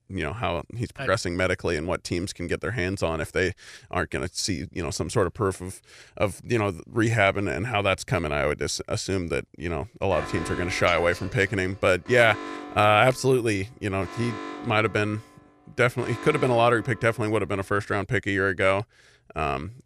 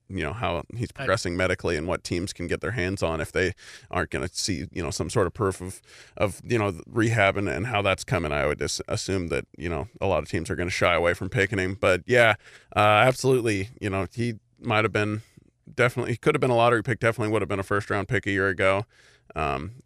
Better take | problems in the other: second | alarm; noticeable; from 10 to 17 s; peak 9 dB below the speech

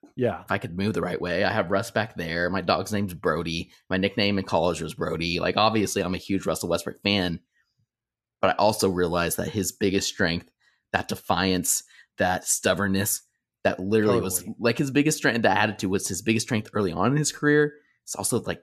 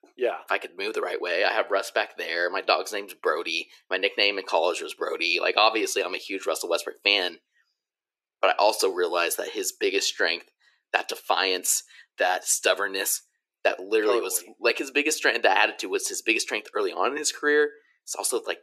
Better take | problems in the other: first | thin; very; fading below 350 Hz

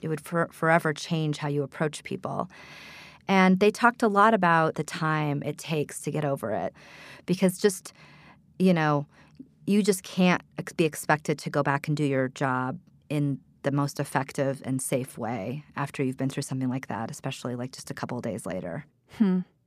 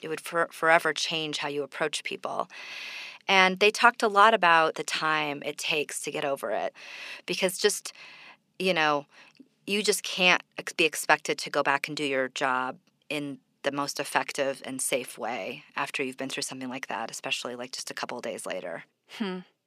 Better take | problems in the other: first | thin; somewhat; fading below 400 Hz

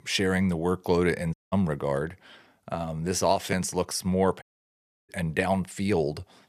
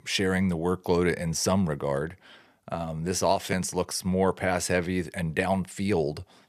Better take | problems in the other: second | audio cutting out; at 1.5 s and at 4.5 s for 0.5 s

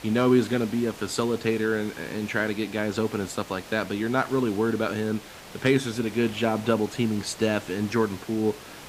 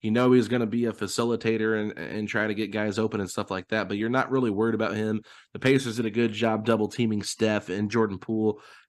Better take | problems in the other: second | hiss; noticeable; throughout; 15 dB below the speech

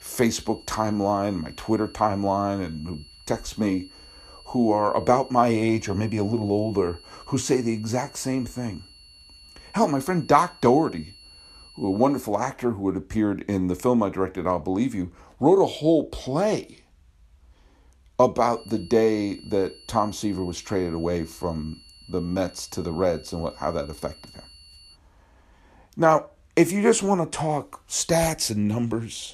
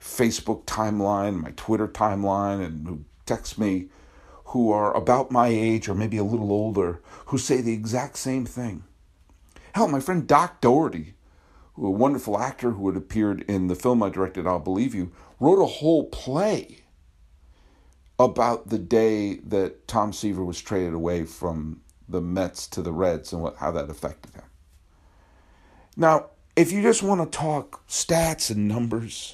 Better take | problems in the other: second | high-pitched whine; faint; until 12 s and from 19 to 25 s; 4.5 kHz, 25 dB below the speech

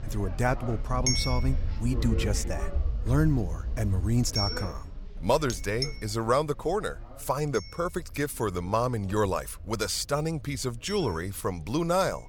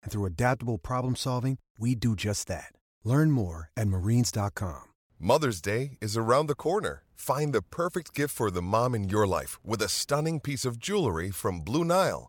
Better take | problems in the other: second | household noises; loud; throughout; 4 dB below the speech

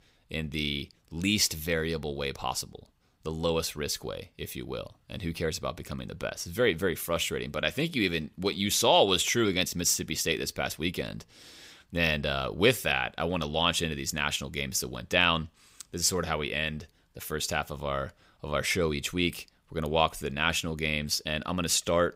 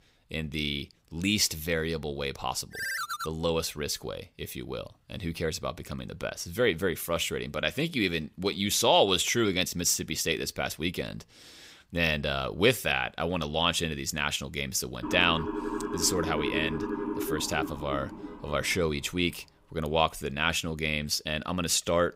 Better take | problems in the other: first | phone ringing; noticeable; at 2.5 s; peak 3 dB below the speech // siren; noticeable; from 15 to 19 s; peak 3 dB below the speech

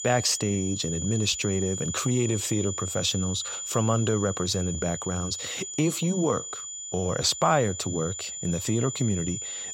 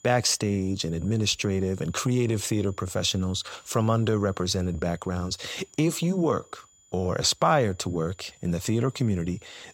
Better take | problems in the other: second | high-pitched whine; loud; throughout; 7 kHz, 6 dB below the speech; faint in the second

